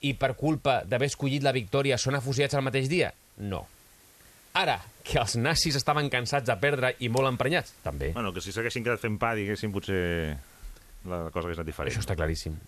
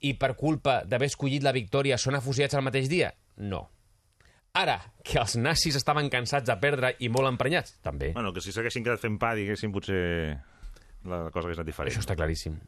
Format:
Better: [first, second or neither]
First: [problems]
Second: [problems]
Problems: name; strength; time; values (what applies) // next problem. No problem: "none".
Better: second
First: hiss; faint; throughout; 25 dB below the speech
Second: none